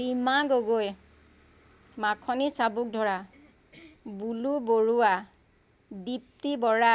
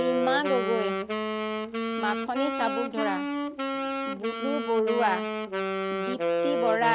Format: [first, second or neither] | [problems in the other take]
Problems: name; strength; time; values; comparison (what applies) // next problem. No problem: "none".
first | background sound (Wind instrument, woodwind instrument); 1 dB above the speech